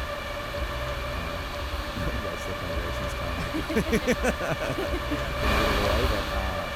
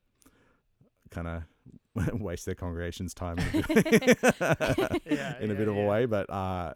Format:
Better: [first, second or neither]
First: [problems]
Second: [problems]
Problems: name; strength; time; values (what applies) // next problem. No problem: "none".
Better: second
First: wind noise on the microphone; heavy; 3 dB above the speech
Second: none